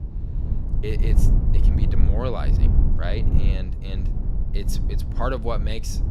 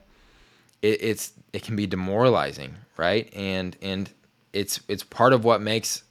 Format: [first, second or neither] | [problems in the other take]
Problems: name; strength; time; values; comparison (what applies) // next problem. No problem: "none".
second | low rumble; loud; throughout; 6 dB below the speech